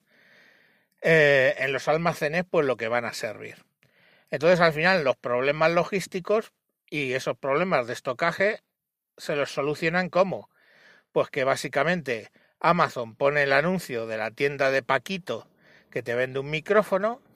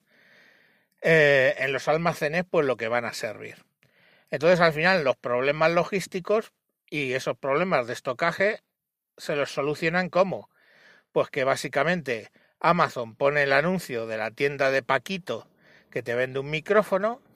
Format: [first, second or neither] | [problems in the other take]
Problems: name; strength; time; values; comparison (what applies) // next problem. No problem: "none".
neither | none